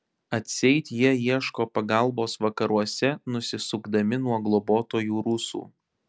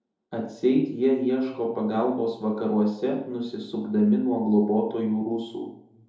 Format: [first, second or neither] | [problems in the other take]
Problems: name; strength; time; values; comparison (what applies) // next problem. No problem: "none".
first | room echo; dies away in 2.6 s